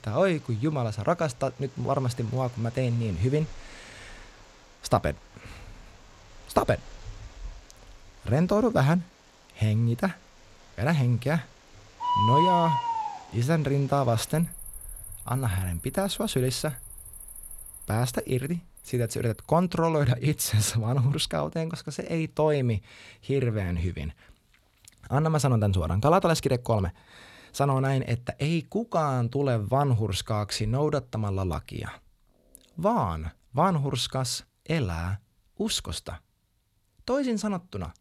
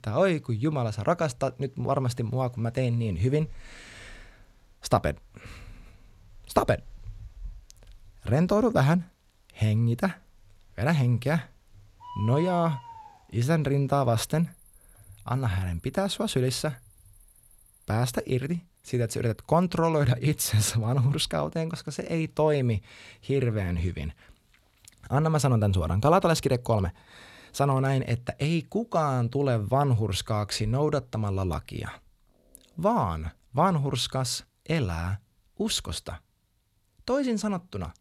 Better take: second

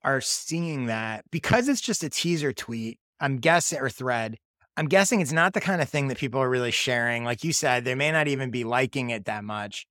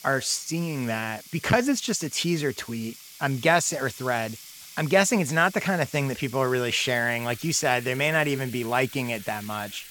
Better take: first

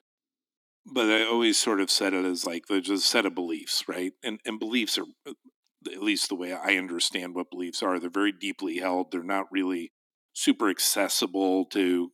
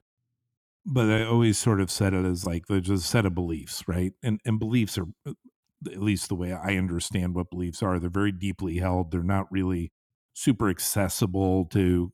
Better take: second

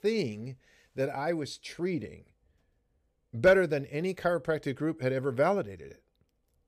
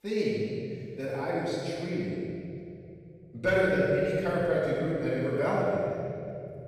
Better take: first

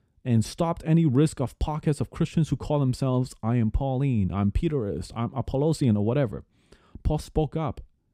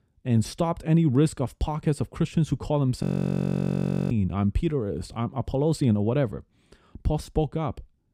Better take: first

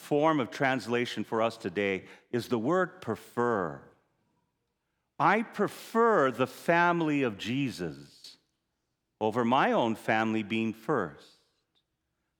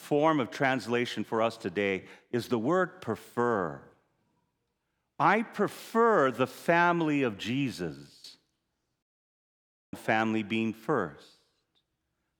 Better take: first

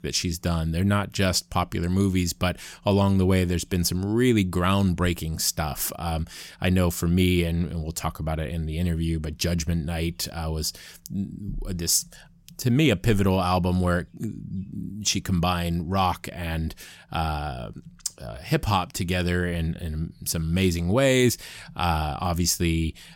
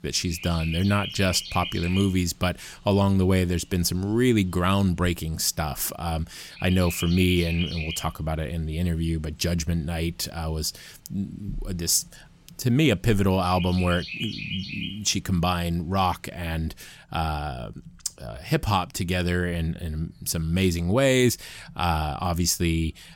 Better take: first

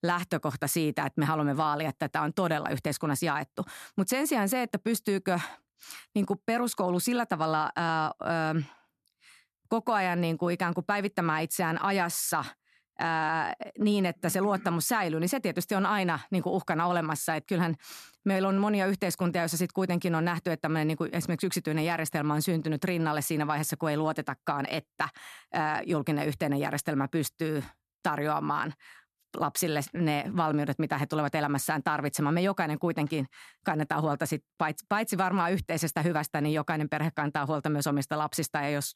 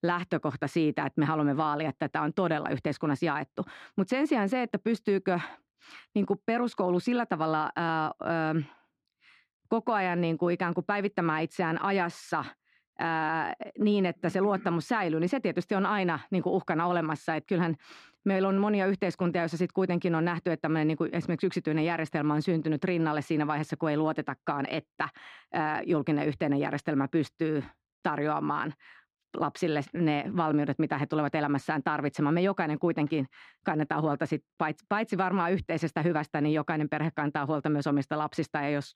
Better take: first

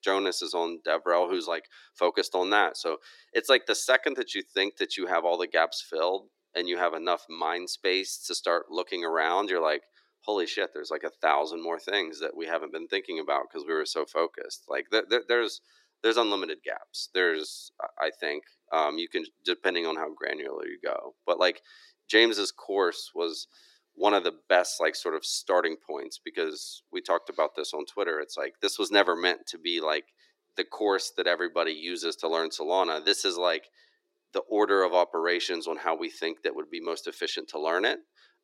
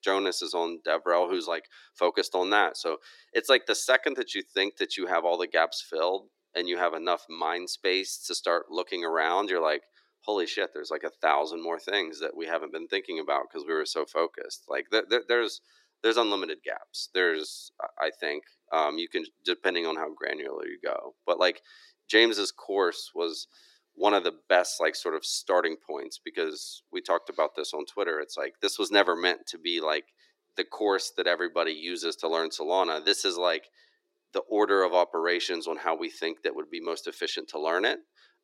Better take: neither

